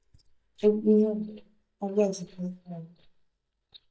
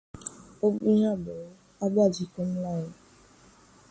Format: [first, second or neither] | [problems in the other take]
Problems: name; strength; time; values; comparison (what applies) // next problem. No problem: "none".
second | noise reduction (neural mask model DeepFilterNet 3)